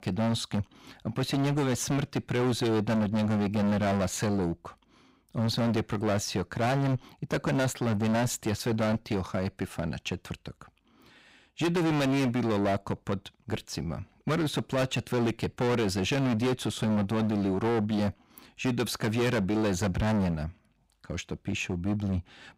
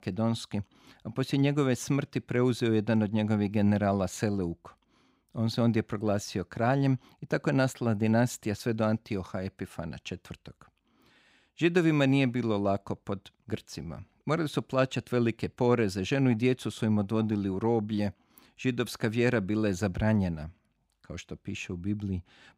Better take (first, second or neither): second